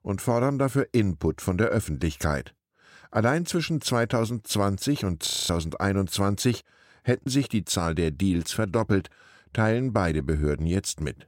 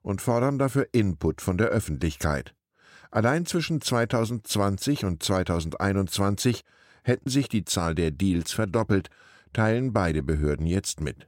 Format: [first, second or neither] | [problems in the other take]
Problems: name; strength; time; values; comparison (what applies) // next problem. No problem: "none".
second | audio freezing; at 5.5 s